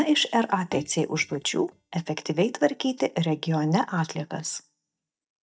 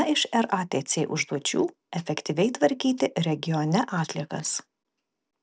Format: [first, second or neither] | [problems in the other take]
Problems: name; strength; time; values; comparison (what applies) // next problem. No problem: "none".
second | noise reduction (neural mask model DeepFilterNet 3)